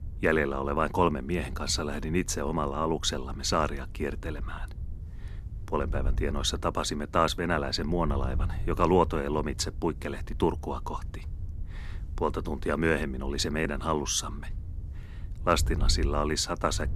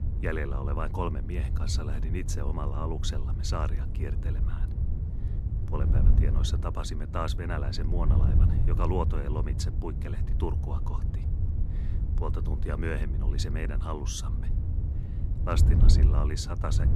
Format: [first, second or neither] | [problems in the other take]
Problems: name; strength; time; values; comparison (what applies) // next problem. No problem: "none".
first | wind noise on the microphone; heavy; 7 dB below the speech; occasional gusts in the first